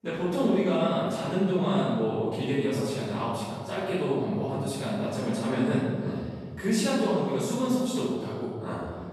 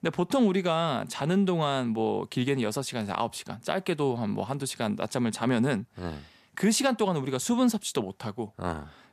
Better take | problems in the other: second | room echo; strong; dies away in 1.8 s // off-mic speech; far

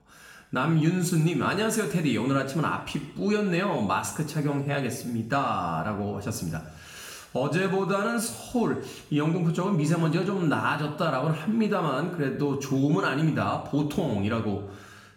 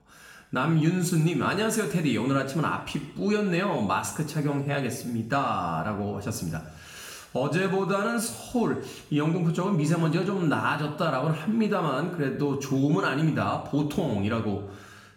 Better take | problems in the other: neither | room echo; slight; dies away in 0.8 s; the same in both // off-mic speech; somewhat distant; the same in both

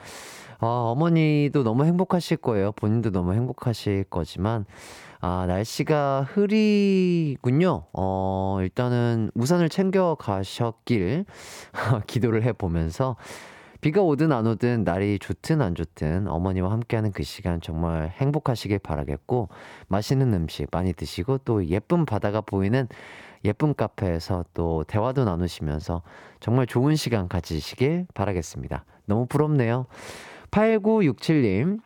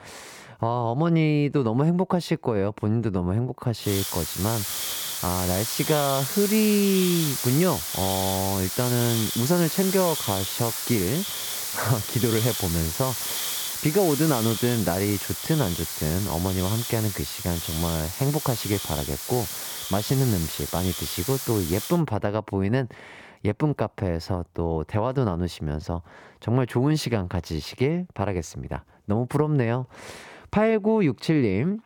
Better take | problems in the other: first | hiss; loud; from 4 to 22 s; 3 dB below the speech

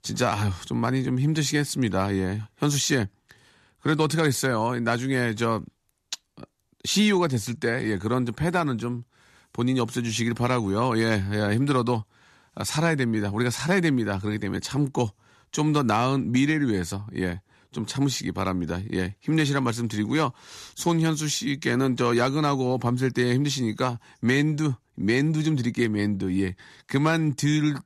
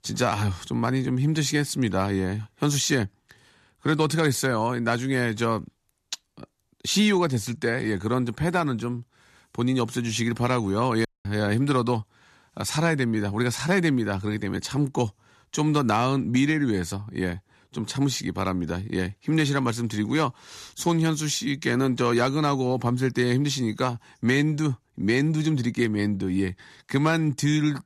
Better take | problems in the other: first | audio cutting out; at 11 s

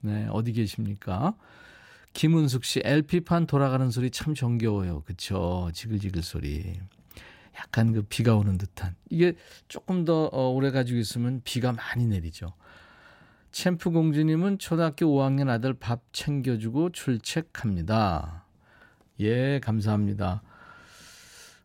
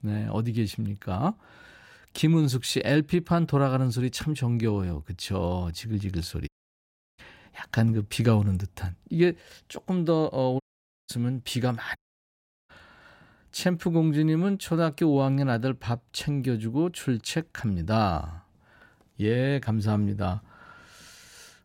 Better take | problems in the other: first | audio cutting out; at 6.5 s for 0.5 s, at 11 s and at 12 s for 0.5 s

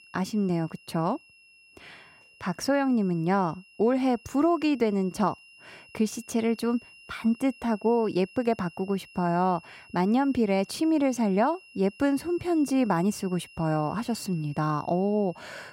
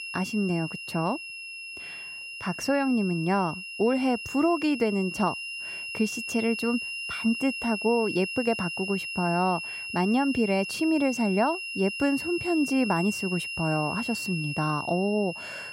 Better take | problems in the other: first | high-pitched whine; loud; throughout; 3 kHz, 6 dB below the speech; faint in the first

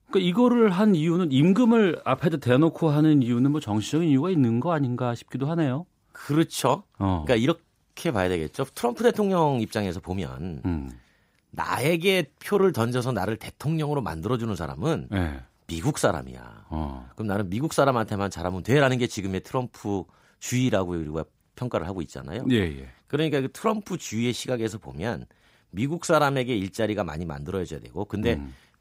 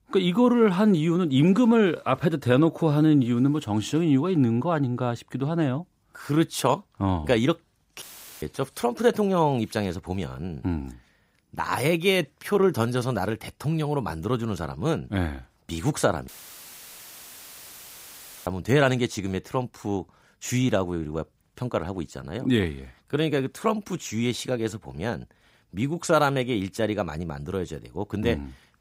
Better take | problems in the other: first | audio cutting out; filled with static; at 8 s and at 16 s for 2 s

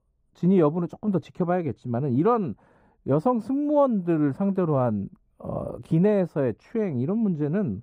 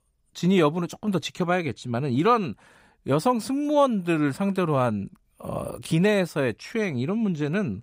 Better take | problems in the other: second | muffled; very; fading above 1.5 kHz

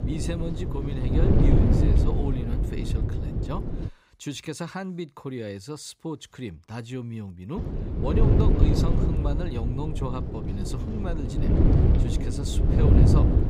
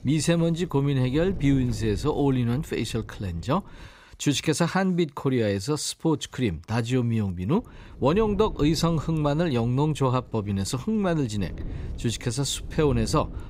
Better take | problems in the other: second | wind noise on the microphone; heavy; until 4 s and from 7.5 s on; 3 dB above the speech; occasional gusts in the second

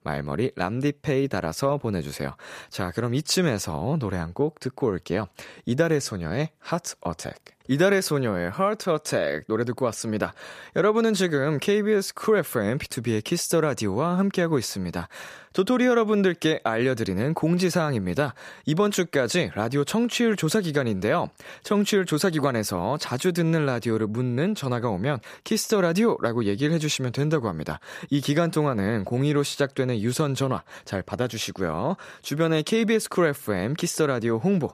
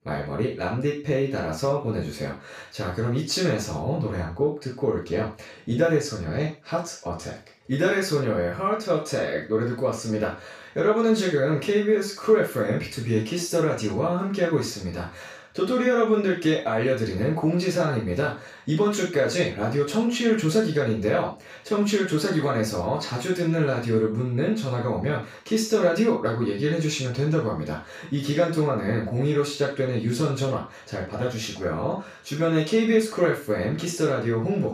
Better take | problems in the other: first | room echo; noticeable; dies away in 0.3 s // off-mic speech; far

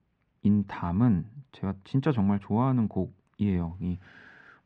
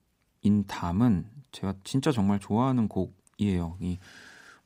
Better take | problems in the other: second | muffled; very; fading above 2 kHz

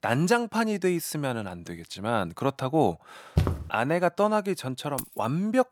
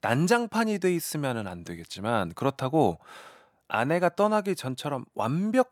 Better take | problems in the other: second | footsteps; noticeable; at 3.5 s; peak level with the speech // jangling keys; faint; at 5 s; peak 10 dB below the speech

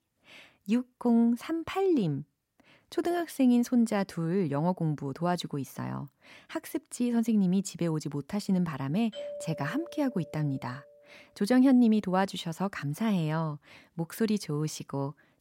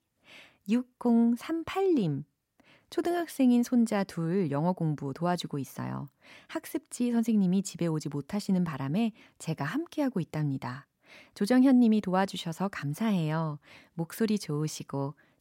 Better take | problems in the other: second | doorbell; faint; from 9 to 11 s; peak 10 dB below the speech

